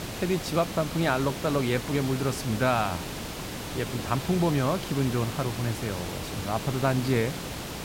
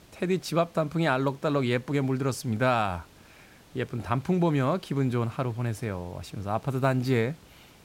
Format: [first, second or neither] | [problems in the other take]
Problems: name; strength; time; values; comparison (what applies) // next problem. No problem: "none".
second | hiss; loud; throughout; 7 dB below the speech; faint in the second